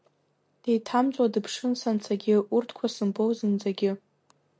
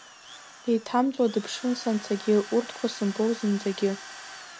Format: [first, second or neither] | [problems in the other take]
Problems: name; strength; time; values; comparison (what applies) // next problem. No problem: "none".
first | background sound (Drill); 16 dB below the speech